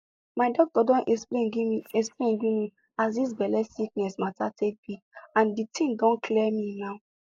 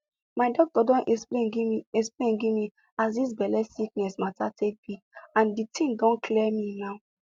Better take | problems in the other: second | noise reduction (neural mask model Resemble Enhance denoiser)

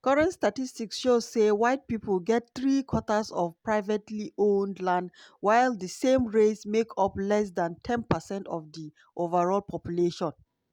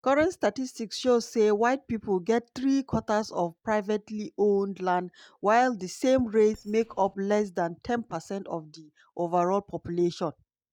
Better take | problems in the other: first | noise reduction (neural mask model DeepFilterNet 3)

